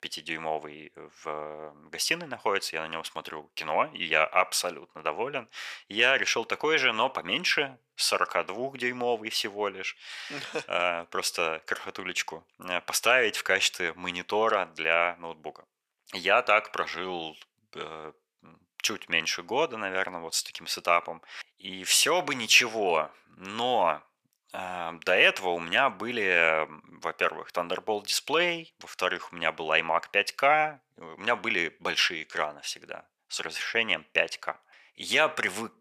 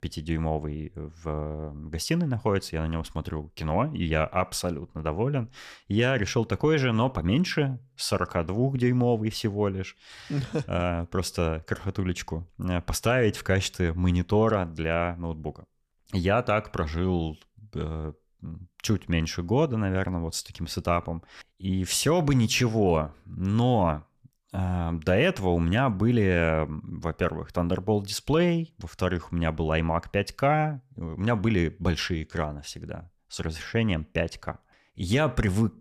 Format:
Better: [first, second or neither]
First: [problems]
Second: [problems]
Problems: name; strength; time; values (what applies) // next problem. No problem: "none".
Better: second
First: thin; very; fading below 650 Hz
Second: none